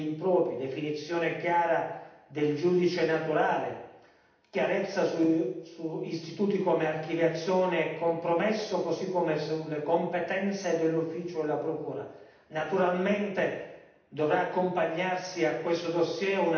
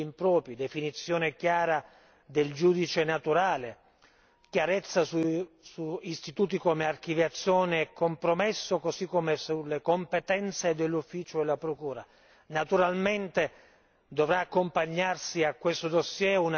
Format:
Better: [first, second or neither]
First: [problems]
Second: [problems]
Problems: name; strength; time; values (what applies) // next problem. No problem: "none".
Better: second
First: room echo; dies away in 0.8 s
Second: none